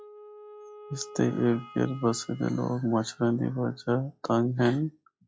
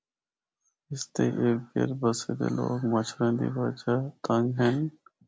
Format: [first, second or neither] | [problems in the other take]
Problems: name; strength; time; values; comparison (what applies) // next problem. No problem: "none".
second | noise reduction (classical method log-MMSE)